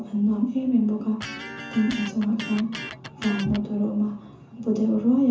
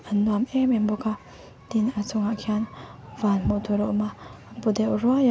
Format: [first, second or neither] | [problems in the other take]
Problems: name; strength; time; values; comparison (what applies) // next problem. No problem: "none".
second | background sound (Electric guitar); 12 dB below the speech // room echo; dies away in 0.6 s